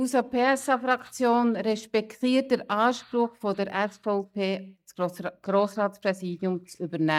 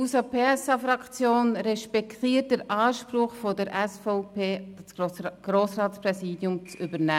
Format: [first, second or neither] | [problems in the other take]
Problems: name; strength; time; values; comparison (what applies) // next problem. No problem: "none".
second | noise reduction (neural mask model DeepFilterNet 3)